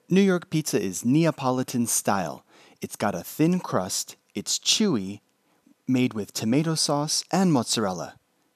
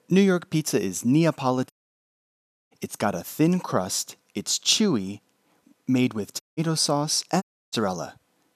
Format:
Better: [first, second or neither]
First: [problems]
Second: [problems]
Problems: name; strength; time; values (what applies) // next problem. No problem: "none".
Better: first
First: none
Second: audio cutting out; at 1.5 s for 1 s, at 6.5 s and at 7.5 s